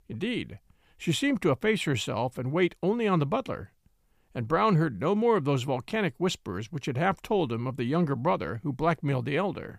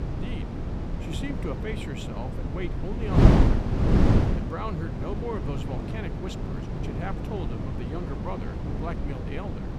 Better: first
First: none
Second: wind noise on the microphone; heavy; 4 dB above the speech

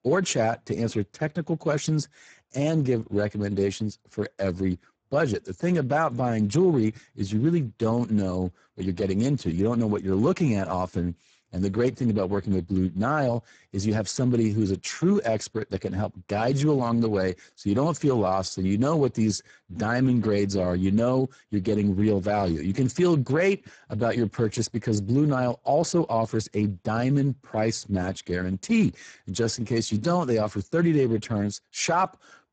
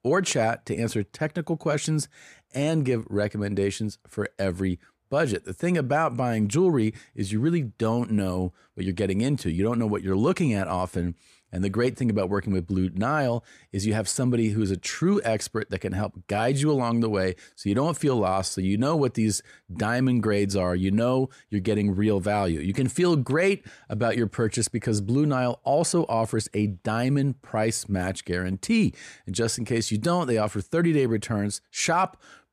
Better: second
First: garbled, watery; badly; nothing above 7.5 kHz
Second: none

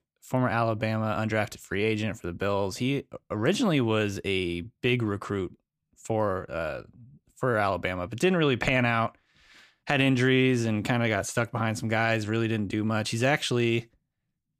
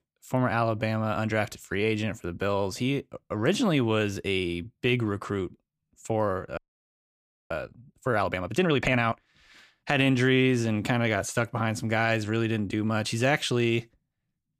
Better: first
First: none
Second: audio freezing; at 6.5 s for 1 s

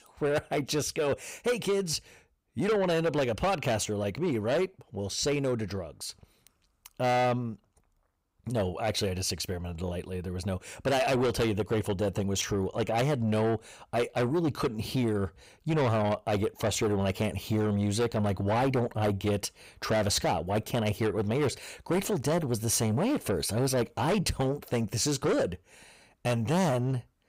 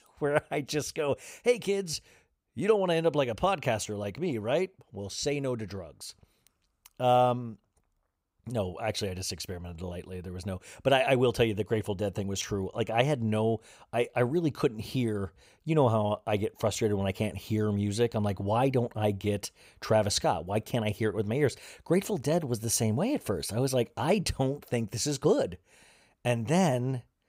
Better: second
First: distortion; heavy; 8 dB below the speech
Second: none

